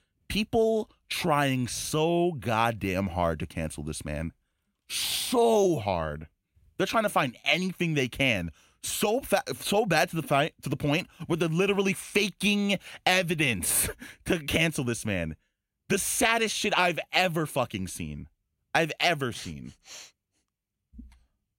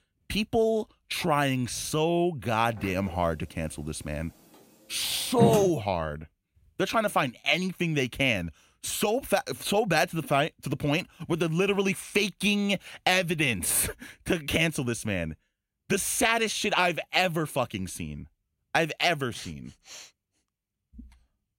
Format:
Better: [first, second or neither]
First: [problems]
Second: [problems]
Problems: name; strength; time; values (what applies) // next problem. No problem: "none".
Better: first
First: none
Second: door banging; loud; at 5.5 s; peak 2 dB above the speech